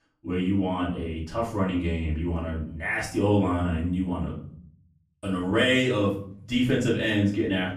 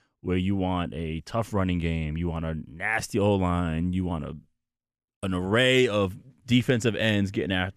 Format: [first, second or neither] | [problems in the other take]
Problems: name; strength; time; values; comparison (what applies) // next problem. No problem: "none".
second | off-mic speech; far // room echo; slight; dies away in 0.5 s